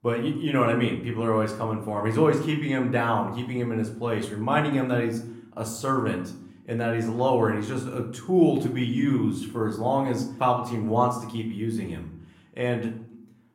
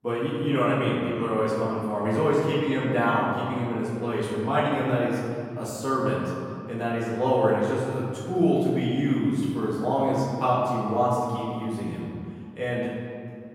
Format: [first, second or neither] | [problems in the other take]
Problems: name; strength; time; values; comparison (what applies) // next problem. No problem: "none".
first | room echo; strong; dies away in 2.2 s; slight in the first // off-mic speech; far; somewhat distant in the first